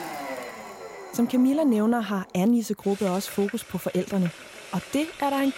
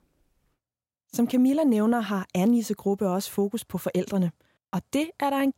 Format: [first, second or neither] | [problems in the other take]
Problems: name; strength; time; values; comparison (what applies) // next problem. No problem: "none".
second | household noises; noticeable; throughout; 15 dB below the speech